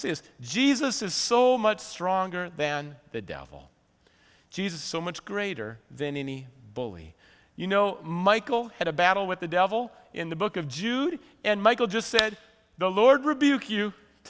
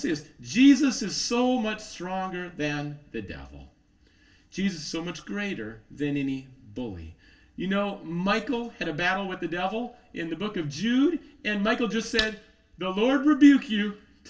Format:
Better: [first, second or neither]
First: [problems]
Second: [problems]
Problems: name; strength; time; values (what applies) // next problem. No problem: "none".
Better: first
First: none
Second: room echo; dies away in 0.2 s